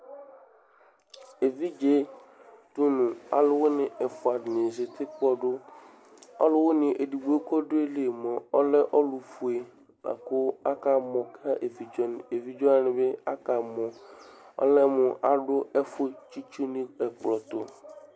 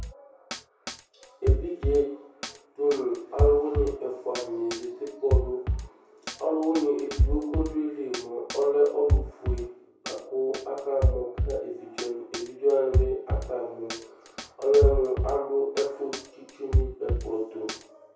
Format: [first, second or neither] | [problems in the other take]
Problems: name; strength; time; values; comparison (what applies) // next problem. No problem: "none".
first | background sound (Drum kit); 1 dB below the speech // room echo; dies away in 0.6 s